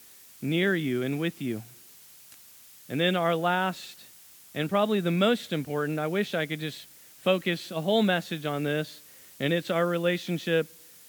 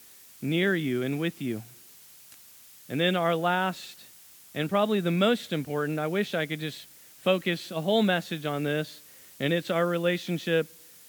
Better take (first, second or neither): neither